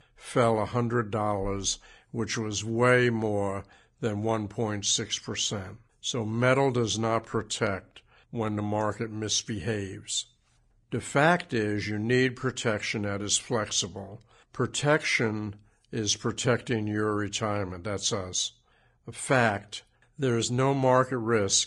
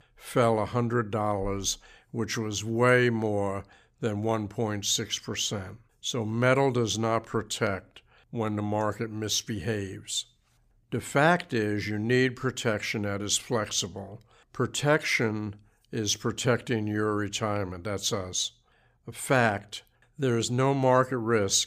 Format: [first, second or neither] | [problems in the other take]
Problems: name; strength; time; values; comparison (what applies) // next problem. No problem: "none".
second | garbled, watery; slightly